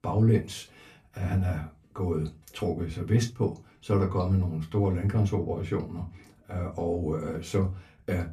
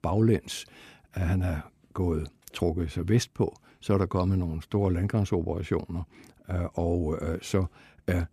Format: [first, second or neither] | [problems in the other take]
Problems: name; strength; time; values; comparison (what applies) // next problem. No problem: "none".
second | off-mic speech; far // room echo; very slight; dies away in 0.2 s